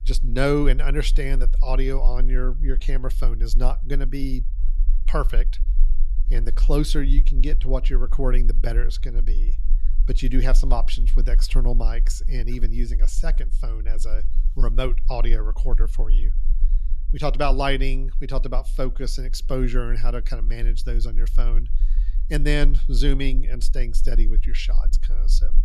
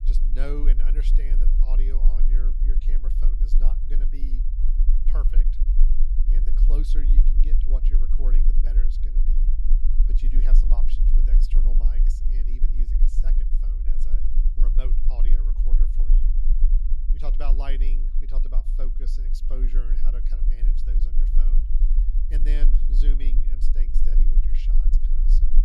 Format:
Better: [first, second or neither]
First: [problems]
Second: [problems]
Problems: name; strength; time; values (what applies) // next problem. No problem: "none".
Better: first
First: low rumble; faint; throughout; 20 dB below the speech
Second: low rumble; loud; throughout; 5 dB below the speech